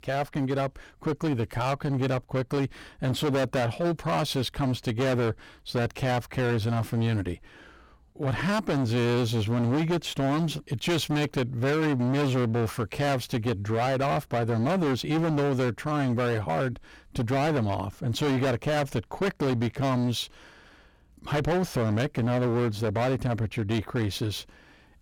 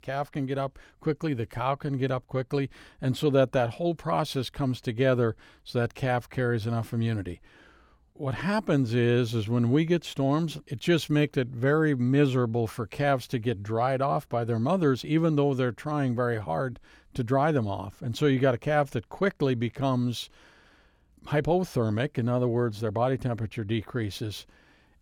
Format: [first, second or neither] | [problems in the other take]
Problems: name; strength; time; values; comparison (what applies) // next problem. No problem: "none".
second | distortion; heavy; 23% of the sound clipped